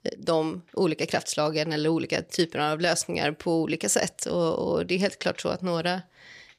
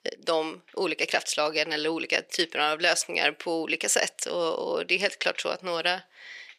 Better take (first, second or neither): first